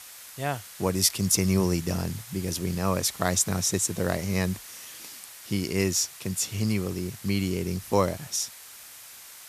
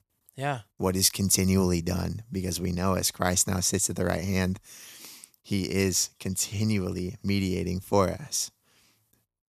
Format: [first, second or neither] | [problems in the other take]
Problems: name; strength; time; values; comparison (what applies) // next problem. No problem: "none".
second | hiss; noticeable; throughout; 15 dB below the speech